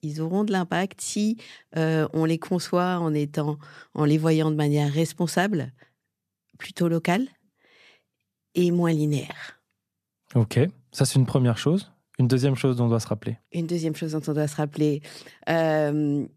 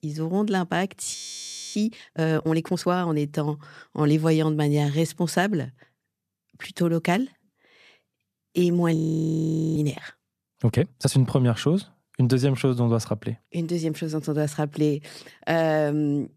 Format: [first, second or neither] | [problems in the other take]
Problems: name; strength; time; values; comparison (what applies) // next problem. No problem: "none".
first | audio freezing; at 1 s for 0.5 s and at 9 s for 1 s